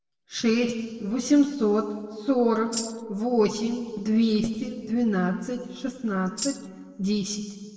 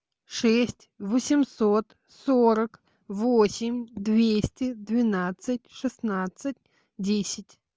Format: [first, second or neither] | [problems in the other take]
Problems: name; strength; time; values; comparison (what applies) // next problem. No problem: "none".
second | noise reduction (neural separator model SepFormer DNS4)